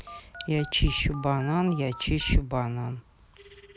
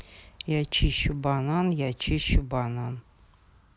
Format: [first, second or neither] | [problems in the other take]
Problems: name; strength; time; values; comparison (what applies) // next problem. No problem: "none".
second | background sound (Telephone); 19 dB below the speech